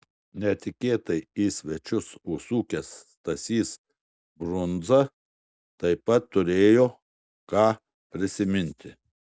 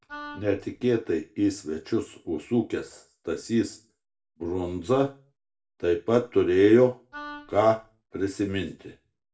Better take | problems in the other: first | background sound (Wind instrument, woodwind instrument); 16 dB below the speech // room echo; dies away in 0.3 s

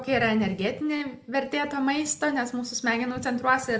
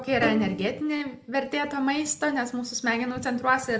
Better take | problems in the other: first | background sound (Bowed string instrument); 10 dB below the speech

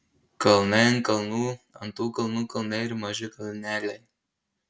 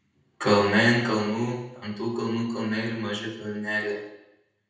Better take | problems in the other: first | room echo; dies away in 0.9 s

